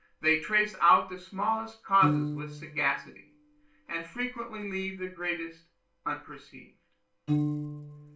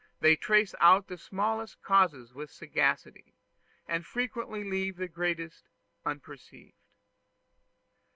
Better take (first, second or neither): second